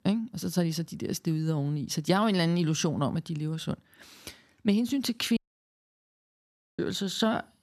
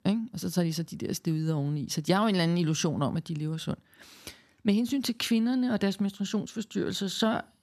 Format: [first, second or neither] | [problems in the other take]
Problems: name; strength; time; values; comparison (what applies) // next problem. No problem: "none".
second | audio cutting out; at 5.5 s for 1.5 s